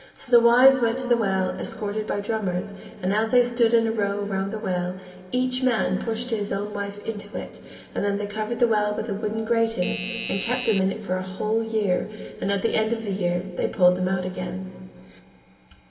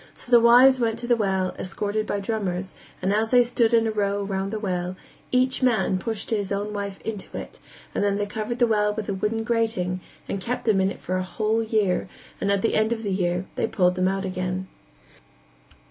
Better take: second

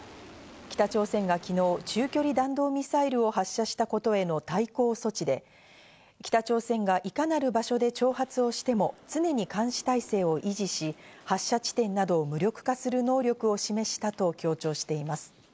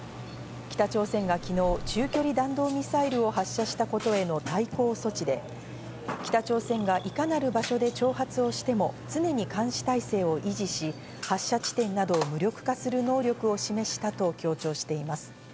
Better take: first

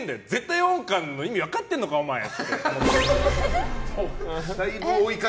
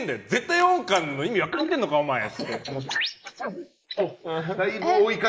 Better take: first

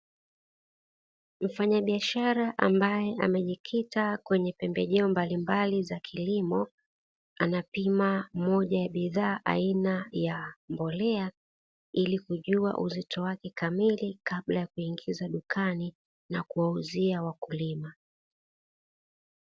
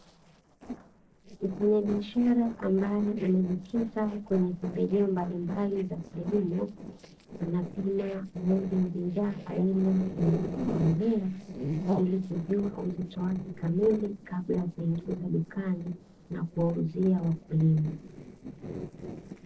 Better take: first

